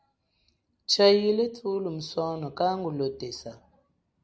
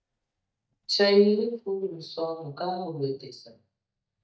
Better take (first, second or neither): first